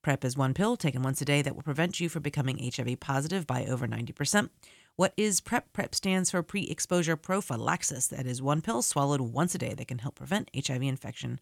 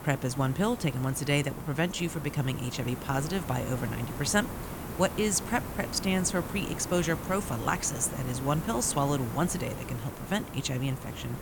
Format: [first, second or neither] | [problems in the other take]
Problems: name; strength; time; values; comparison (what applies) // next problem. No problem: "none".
first | hiss; loud; throughout; 9 dB below the speech